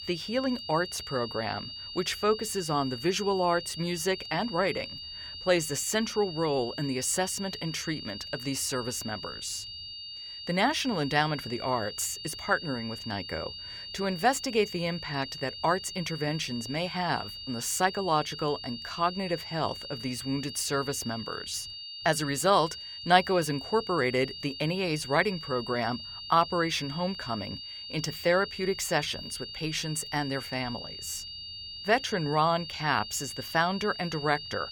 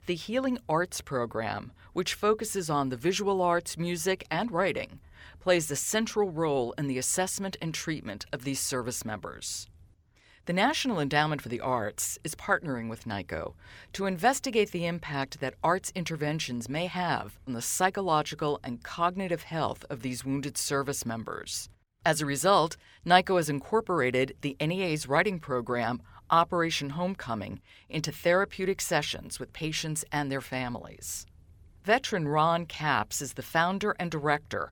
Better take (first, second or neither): second